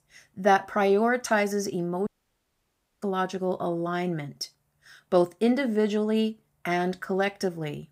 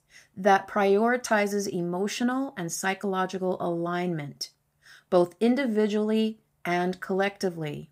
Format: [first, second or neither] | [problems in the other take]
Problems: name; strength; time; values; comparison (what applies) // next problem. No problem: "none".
second | audio cutting out; at 2 s for 1 s